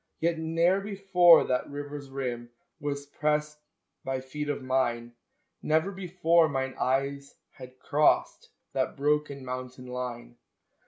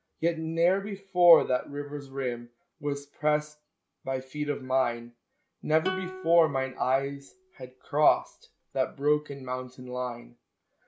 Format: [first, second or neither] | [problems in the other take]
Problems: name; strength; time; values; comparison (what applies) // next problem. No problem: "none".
first | background sound (Plucked string instrument); 13 dB below the speech